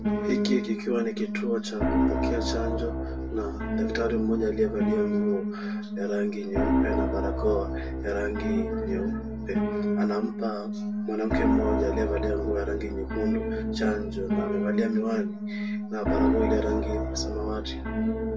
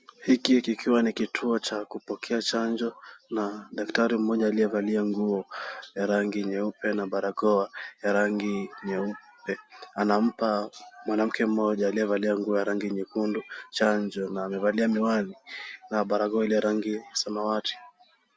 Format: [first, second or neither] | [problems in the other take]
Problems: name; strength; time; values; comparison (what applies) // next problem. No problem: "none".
second | background sound (Piano); 3 dB above the speech // room echo; dies away in 0.2 s